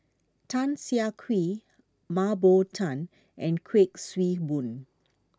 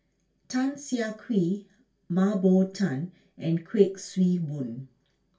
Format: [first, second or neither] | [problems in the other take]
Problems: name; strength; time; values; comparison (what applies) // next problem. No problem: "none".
first | room echo; dies away in 0.2 s